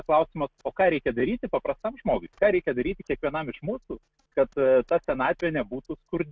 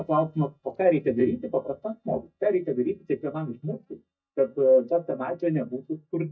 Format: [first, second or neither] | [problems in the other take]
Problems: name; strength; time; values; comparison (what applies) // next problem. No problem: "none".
first | noise reduction (neural mask model DeepFilterNet 3)